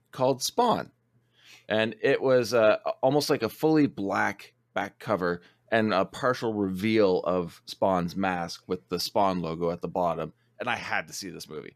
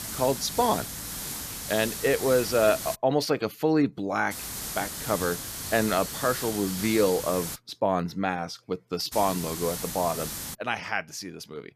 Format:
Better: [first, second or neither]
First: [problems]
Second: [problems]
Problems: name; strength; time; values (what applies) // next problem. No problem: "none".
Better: first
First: none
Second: hiss; loud; until 3 s, from 4.5 to 7.5 s and from 9 to 11 s; 6 dB below the speech